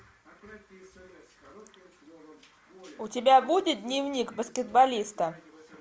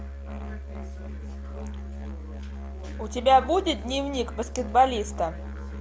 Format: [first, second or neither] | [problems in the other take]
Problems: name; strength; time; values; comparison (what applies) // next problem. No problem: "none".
first | background sound (Musical instrument); 8 dB below the speech